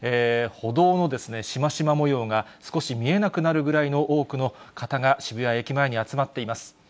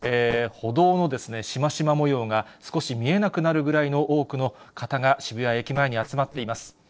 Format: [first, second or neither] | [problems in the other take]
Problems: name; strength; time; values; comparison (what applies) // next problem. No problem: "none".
first | noise reduction (neural separator model SepFormer DNS4)